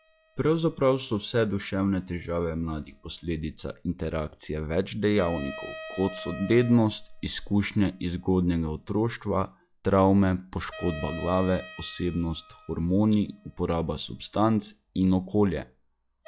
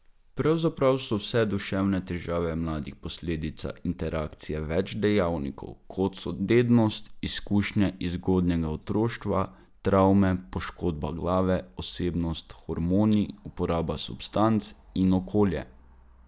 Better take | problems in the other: second | noise reduction (classical method log-MMSE)

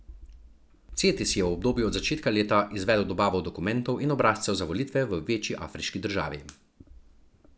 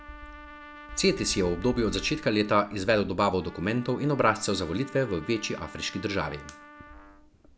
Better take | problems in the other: first | background sound (Trumpet); 19 dB below the speech

